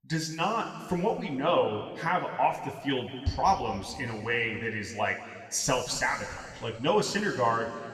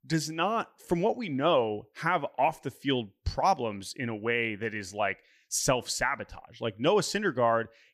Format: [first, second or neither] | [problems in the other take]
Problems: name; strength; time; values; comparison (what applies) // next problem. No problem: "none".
second | room echo; slight; dies away in 2.3 s